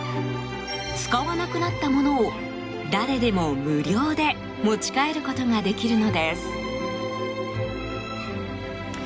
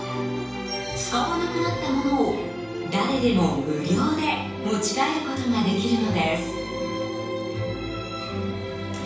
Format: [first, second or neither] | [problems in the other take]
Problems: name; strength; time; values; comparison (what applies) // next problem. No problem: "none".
first | room echo; dies away in 0.7 s